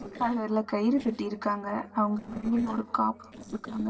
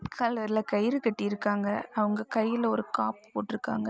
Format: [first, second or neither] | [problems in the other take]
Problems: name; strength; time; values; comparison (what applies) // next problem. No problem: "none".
second | noise reduction (neural separator model SepFormer DNS4)